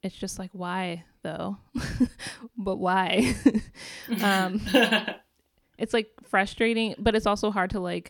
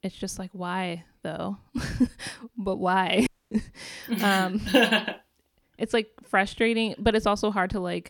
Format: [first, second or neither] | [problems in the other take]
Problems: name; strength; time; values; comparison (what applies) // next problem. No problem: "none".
first | audio cutting out; at 3.5 s